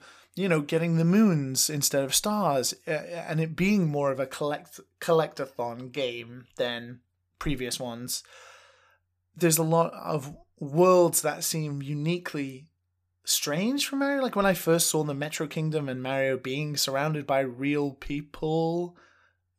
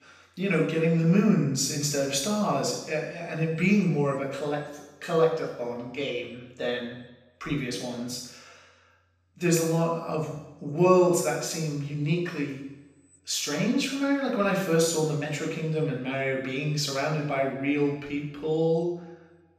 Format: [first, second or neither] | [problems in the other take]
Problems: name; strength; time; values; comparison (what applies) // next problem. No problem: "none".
first | room echo; noticeable; dies away in 0.9 s // off-mic speech; far